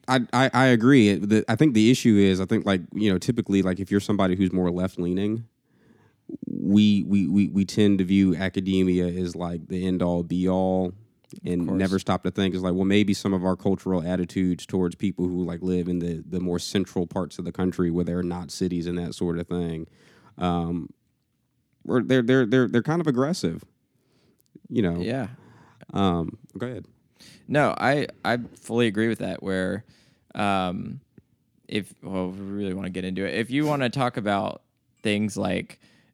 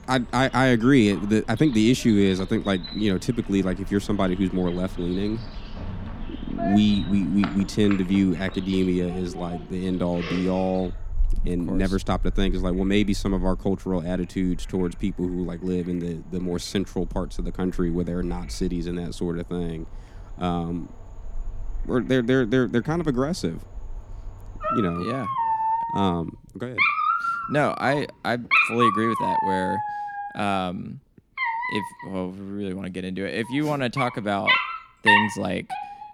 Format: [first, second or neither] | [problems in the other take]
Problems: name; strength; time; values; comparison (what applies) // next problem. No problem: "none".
first | animal sounds; loud; throughout; 3 dB below the speech